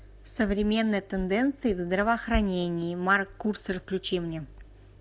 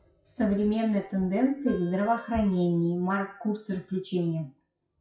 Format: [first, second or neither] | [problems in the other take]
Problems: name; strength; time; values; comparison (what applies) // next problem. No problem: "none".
first | noise reduction (classical method WPE with log-MMSE)